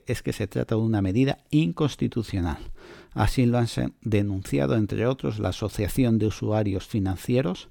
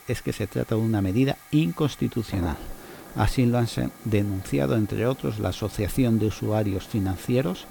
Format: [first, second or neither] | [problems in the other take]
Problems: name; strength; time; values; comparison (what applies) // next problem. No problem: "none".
first | hiss; noticeable; throughout; 20 dB below the speech